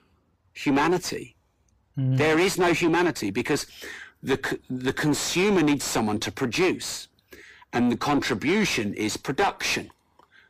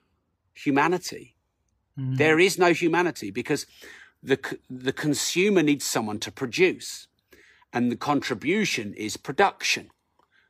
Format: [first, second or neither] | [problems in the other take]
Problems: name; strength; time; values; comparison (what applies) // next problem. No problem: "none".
second | distortion; heavy; 6 dB below the speech